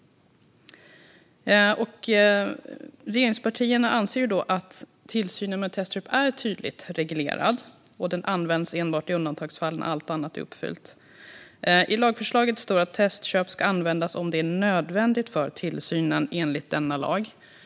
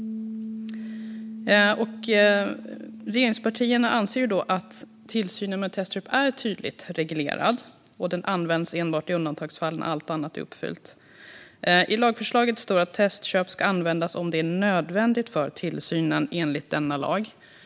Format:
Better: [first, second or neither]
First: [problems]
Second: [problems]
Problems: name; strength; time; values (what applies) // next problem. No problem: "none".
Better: first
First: none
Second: background sound (Piano); 17 dB below the speech